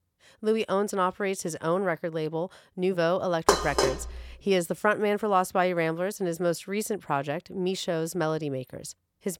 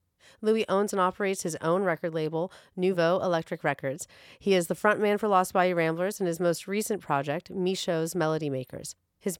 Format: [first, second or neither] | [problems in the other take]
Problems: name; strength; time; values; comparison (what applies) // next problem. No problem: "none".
second | clattering dishes; loud; at 3.5 s; peak 4 dB above the speech